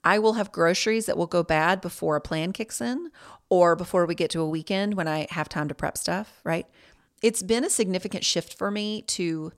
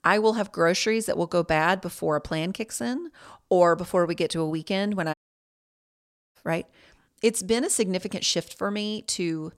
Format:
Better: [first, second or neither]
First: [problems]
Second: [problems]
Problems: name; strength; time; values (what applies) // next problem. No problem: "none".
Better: first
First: none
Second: audio cutting out; at 5 s for 1 s